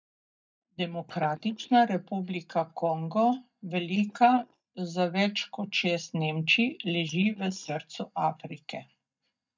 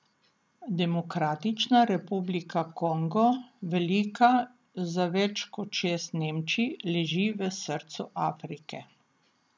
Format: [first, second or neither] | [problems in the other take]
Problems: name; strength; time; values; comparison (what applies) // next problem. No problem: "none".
second | noise reduction (neural mask model DeepFilterNet 3)